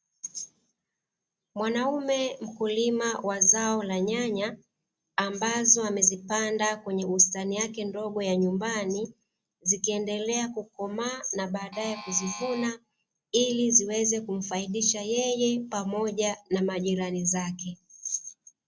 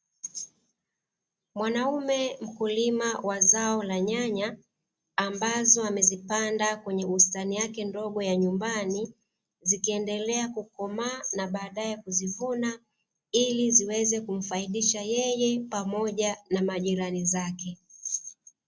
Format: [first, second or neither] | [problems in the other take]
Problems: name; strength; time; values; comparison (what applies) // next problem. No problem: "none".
second | background sound (Alarm); 13 dB below the speech